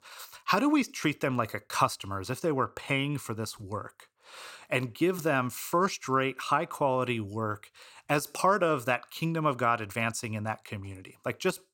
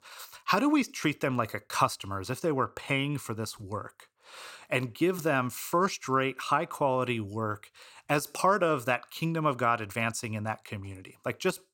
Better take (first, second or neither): neither